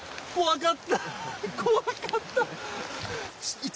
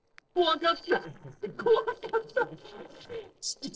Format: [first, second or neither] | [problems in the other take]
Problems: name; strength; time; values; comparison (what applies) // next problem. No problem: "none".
first | noise reduction (neural separator model SepFormer DNS4)